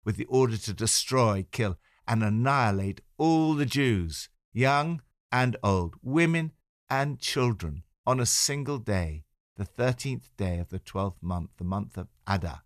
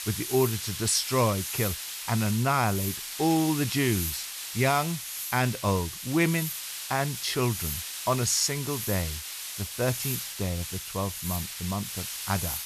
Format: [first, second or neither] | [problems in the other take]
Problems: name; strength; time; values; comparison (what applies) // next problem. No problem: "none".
first | hiss; loud; throughout; 5 dB below the speech